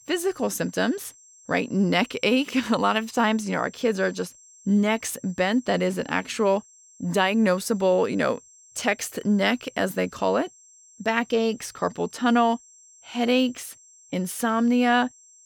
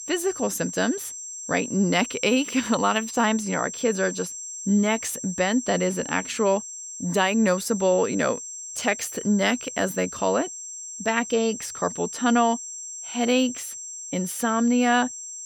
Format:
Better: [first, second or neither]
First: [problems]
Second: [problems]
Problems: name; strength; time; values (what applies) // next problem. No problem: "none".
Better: first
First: high-pitched whine; faint; throughout; 7.5 kHz, 25 dB below the speech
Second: high-pitched whine; loud; throughout; 7.5 kHz, 9 dB below the speech